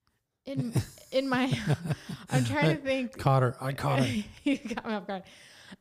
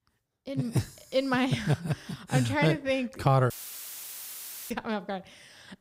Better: first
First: none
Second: audio cutting out; filled with static; at 3.5 s for 1 s

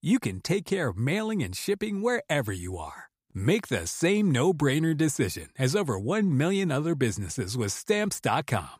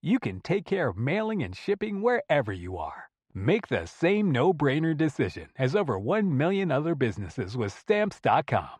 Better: first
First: none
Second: muffled; very; fading above 3 kHz

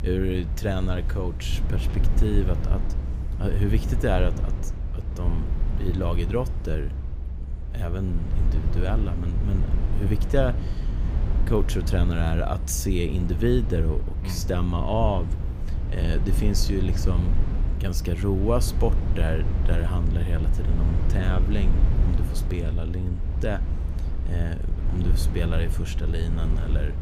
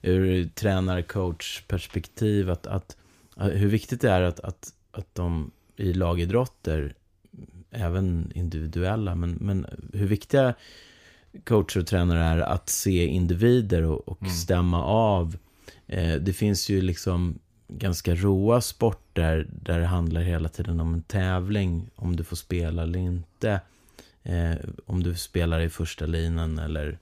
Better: second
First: low rumble; loud; throughout; 9 dB below the speech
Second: none

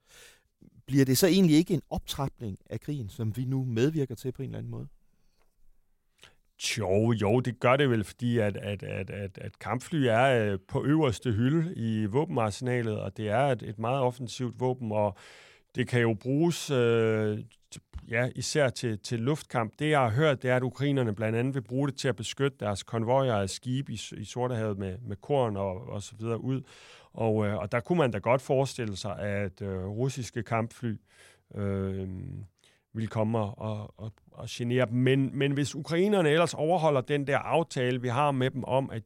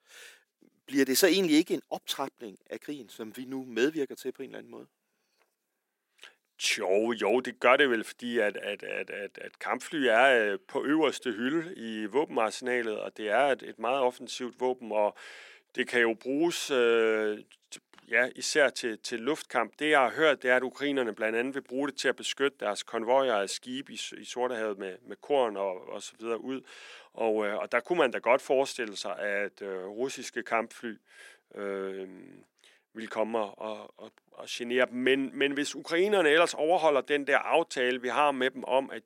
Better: first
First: none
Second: thin; somewhat; fading below 300 Hz

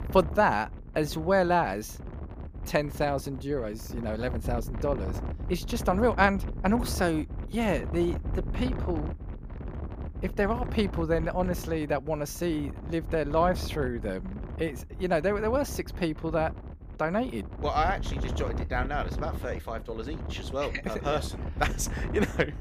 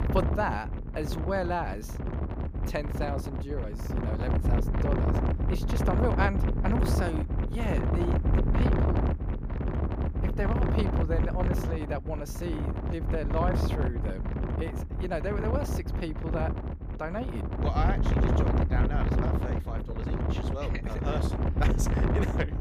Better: first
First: wind noise on the microphone; occasional gusts; 15 dB below the speech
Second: wind noise on the microphone; heavy; 1 dB below the speech

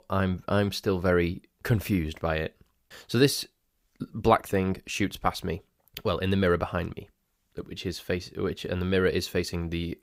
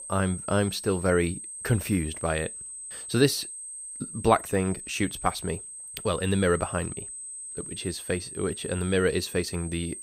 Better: first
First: none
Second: high-pitched whine; loud; throughout; 8.5 kHz, 9 dB below the speech

